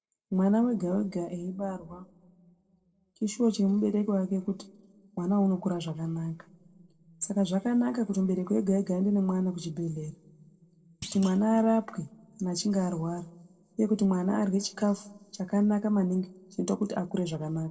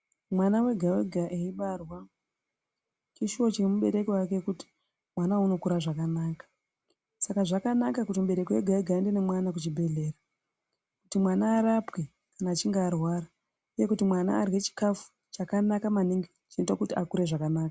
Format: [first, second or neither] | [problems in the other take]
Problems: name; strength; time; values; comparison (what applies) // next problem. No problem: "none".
second | noise reduction (neural separator model SepFormer DNS4)